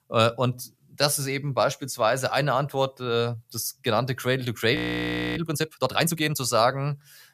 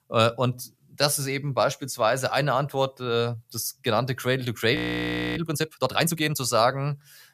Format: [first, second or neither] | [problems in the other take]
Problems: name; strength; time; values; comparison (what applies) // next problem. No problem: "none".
neither | audio freezing; at 5 s for 0.5 s; the same in both